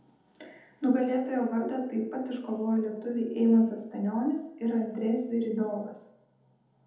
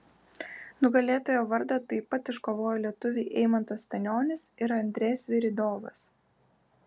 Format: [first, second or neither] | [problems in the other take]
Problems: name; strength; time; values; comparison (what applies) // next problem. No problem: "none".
second | room echo; dies away in 1 s